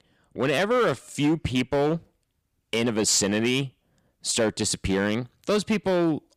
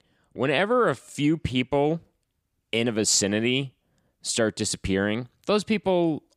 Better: second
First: distortion; slight; 8% of the sound clipped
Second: none

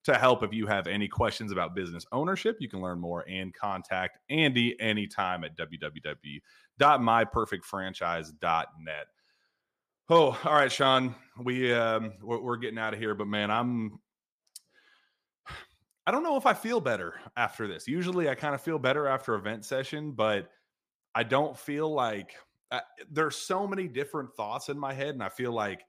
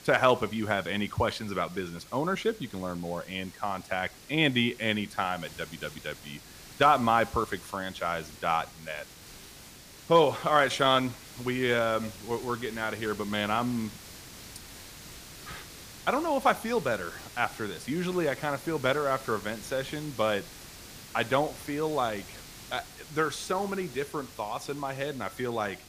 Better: first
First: none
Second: hiss; noticeable; throughout; 15 dB below the speech

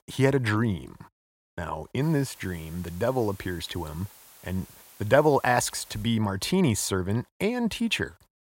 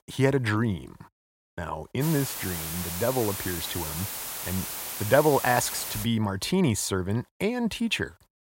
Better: first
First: hiss; faint; from 2 to 6 s; 20 dB below the speech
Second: hiss; loud; from 2 to 6 s; 5 dB below the speech

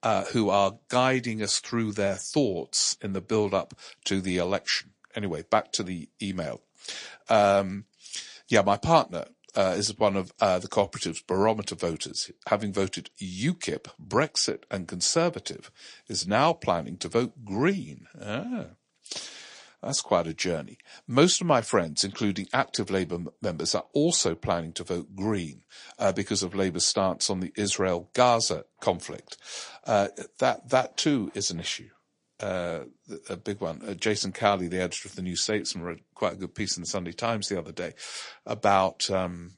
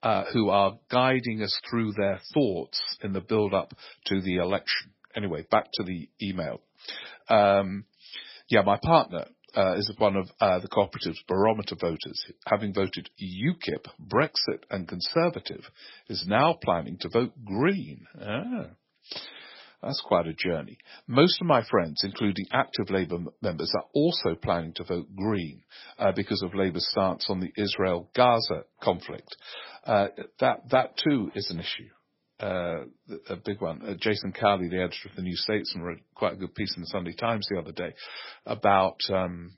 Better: first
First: garbled, watery; slightly; nothing above 9 kHz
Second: garbled, watery; badly; nothing above 5.5 kHz

